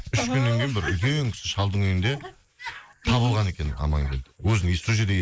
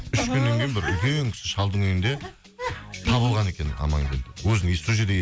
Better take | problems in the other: second | noise reduction (neural mask model Resemble Enhance denoiser)

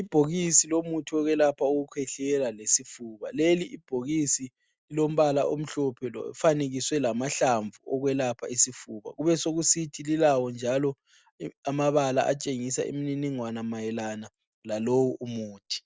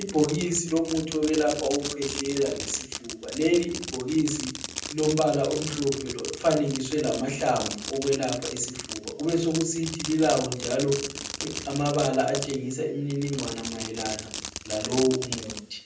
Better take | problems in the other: first | background sound (Fireworks); 9 dB below the speech // room echo; dies away in 0.6 s

